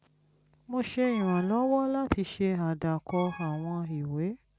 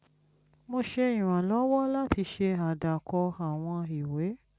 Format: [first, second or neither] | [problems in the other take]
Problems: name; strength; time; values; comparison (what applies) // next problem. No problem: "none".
second | background sound (Alarm); 17 dB below the speech